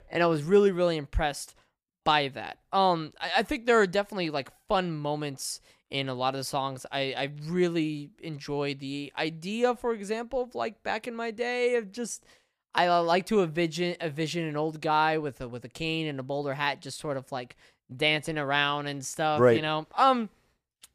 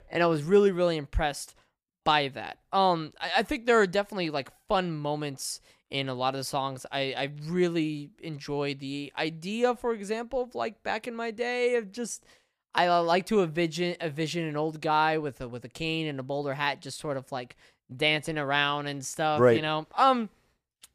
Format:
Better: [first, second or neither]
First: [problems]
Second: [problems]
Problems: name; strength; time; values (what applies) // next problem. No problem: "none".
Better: neither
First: none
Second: none